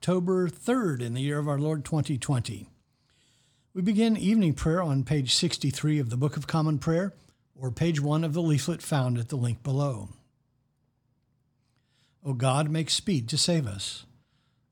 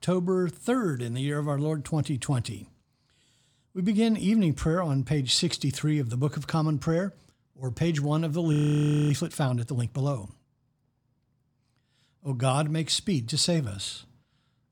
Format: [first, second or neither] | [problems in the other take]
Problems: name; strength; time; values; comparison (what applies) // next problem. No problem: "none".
first | audio freezing; at 8.5 s for 0.5 s